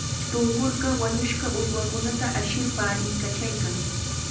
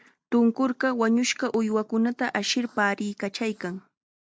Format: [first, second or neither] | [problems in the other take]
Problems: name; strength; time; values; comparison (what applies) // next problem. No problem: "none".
second | background sound (Fire); 1 dB above the speech // room echo; dies away in 0.6 s